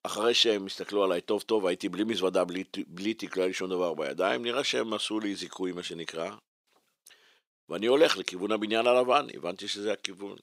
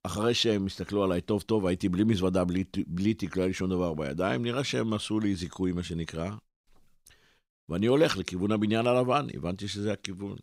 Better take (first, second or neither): second